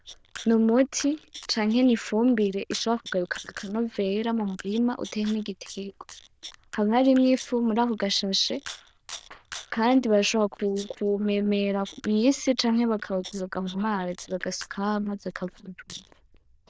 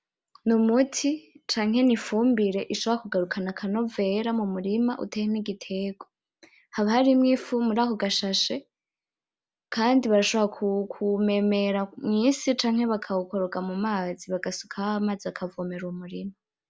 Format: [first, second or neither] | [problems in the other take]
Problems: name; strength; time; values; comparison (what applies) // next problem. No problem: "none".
second | noise reduction (neural diffusion model UNIVERSE++)